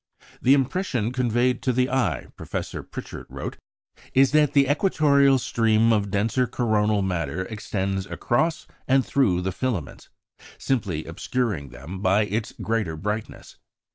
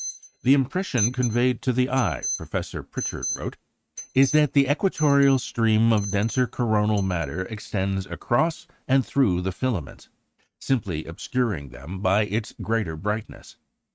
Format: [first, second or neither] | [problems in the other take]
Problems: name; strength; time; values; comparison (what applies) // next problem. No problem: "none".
first | noise reduction (neural mask model RNNoise)